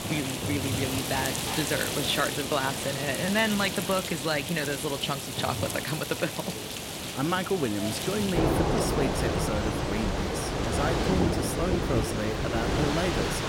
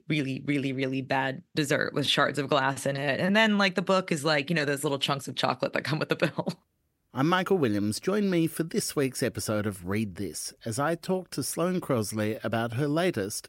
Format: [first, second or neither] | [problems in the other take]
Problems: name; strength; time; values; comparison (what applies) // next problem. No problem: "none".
second | rain or running water; very loud; throughout; 1 dB above the speech